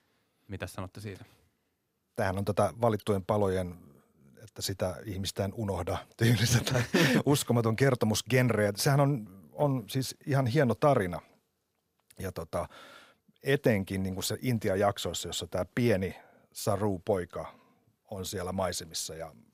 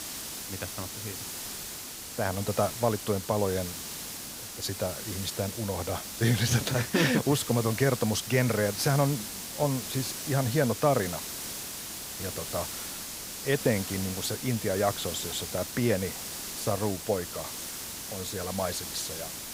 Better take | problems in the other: first | hiss; loud; throughout; 6 dB below the speech

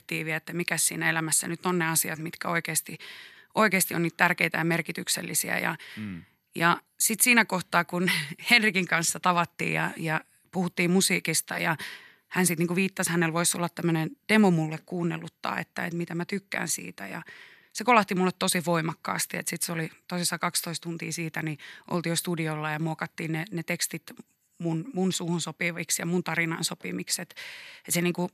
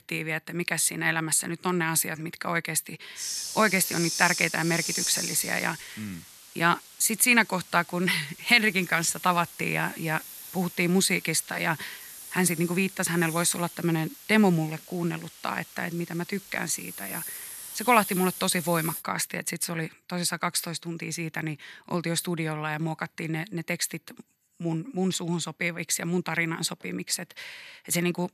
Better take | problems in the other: first | hiss; loud; from 3 to 19 s; 8 dB below the speech

